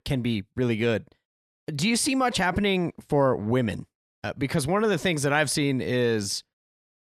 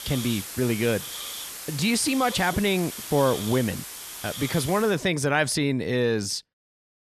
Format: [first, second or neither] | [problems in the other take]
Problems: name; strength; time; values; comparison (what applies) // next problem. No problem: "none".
first | hiss; loud; until 5 s; 9 dB below the speech